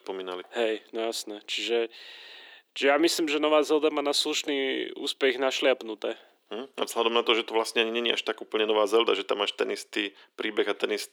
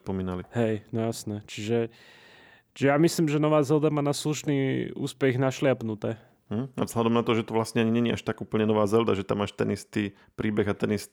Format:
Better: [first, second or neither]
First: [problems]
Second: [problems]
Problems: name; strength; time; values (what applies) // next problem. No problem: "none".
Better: second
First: thin; somewhat; fading below 300 Hz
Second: none